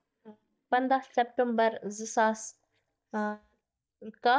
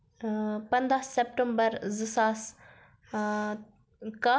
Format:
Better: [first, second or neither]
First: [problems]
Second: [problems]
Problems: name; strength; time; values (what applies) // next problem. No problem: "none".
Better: second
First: noise reduction (neural mask model DeepFilterNet 3)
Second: none